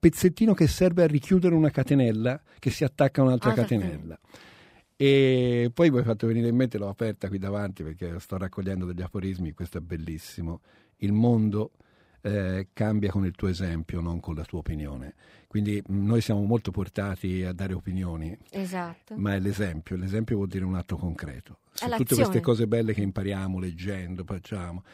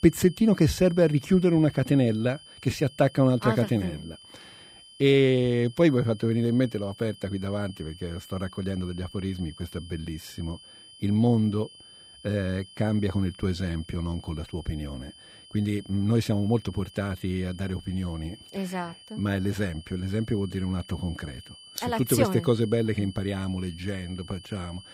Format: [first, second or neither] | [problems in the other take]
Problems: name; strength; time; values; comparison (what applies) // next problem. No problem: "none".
first | high-pitched whine; faint; throughout; 3 kHz, 20 dB below the speech